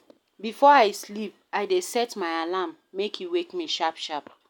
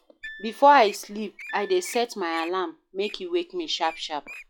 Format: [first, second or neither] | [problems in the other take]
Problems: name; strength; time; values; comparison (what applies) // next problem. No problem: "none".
first | noise reduction (classical method log-MMSE)